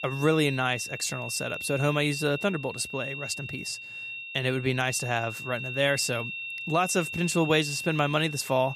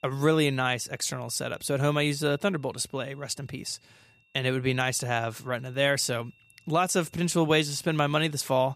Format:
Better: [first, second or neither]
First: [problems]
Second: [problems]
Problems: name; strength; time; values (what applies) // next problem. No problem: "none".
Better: second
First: high-pitched whine; loud; throughout; 2.5 kHz, 7 dB below the speech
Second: high-pitched whine; faint; throughout; 2.5 kHz, 35 dB below the speech